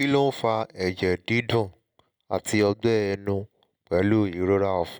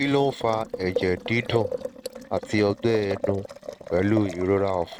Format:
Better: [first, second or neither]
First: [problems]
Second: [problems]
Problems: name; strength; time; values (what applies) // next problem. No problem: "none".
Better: first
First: none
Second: noise reduction (neural mask model RNNoise)